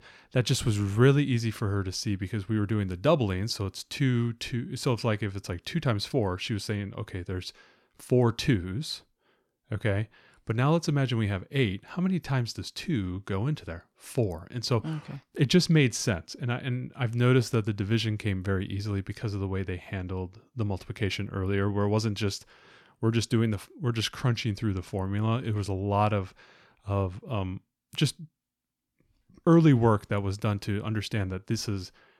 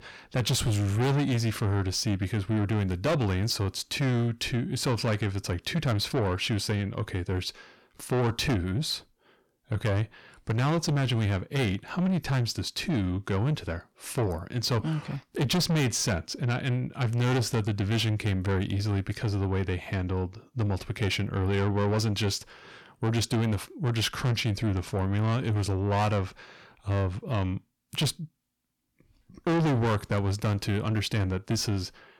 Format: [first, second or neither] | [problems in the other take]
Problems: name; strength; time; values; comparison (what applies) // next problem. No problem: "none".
first | distortion; heavy; 6 dB below the speech